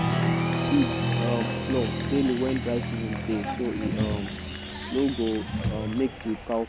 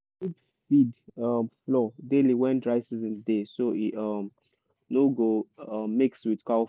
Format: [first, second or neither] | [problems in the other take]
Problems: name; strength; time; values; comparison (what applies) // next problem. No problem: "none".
second | background sound (Applause); as loud as the speech